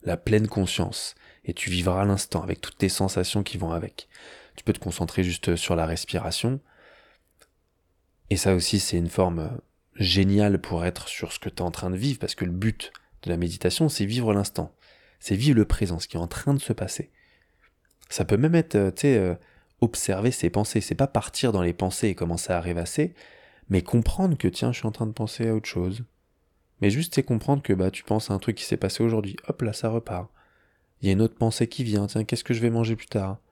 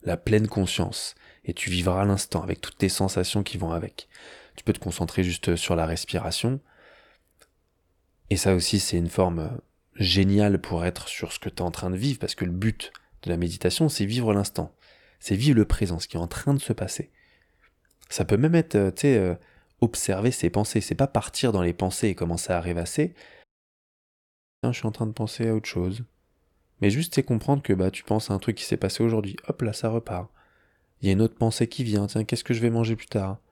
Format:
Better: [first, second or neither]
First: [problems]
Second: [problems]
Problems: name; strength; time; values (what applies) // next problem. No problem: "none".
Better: first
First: none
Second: audio cutting out; at 23 s for 1 s